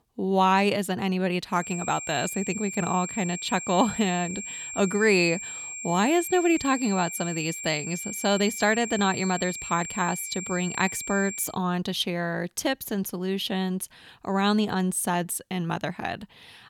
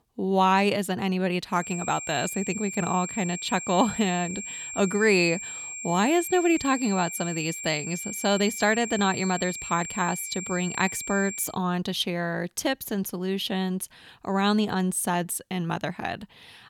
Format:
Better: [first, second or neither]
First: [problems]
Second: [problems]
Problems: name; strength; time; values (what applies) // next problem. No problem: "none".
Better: neither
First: high-pitched whine; loud; from 1.5 to 11 s; 7.5 kHz, 8 dB below the speech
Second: high-pitched whine; loud; from 1.5 to 11 s; 7.5 kHz, 8 dB below the speech